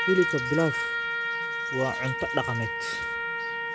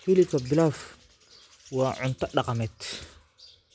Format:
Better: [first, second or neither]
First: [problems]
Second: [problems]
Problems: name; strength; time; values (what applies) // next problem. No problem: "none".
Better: second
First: background sound (Trumpet); as loud as the speech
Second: none